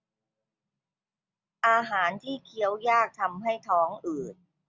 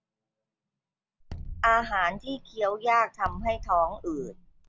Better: first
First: none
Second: background sound (Bass drum); 12 dB below the speech

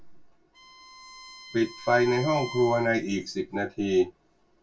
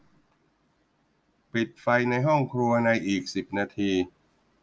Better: second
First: background sound (Bowed string instrument); 17 dB below the speech // room echo; dies away in 0.2 s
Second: none

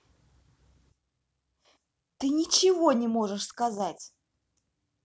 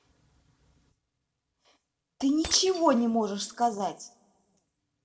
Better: first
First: none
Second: background sound (Shatter); 20 dB below the speech // room echo; dies away in 0.4 s

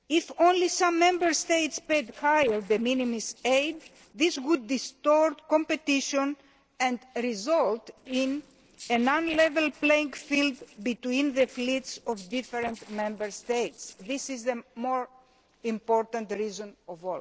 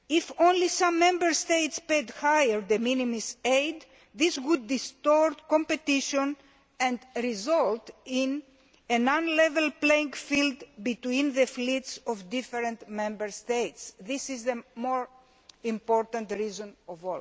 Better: second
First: noise reduction (neural separator model SepFormer DNS4)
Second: none

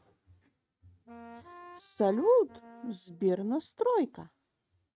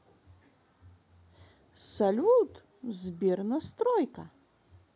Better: second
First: noise reduction (neural mask model RNNoise)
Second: none

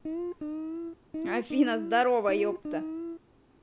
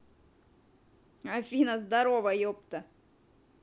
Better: second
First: background sound (Guitar); 5 dB below the speech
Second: none

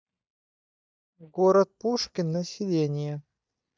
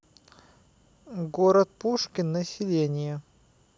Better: second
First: noise reduction (neural mask model DeepFilterNet 3)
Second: none

